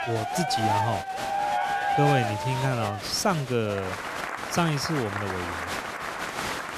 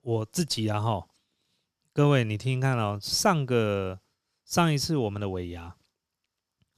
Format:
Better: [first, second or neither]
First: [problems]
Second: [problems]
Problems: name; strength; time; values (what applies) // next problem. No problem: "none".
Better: second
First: crowd noise; loud; throughout; 1 dB below the speech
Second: none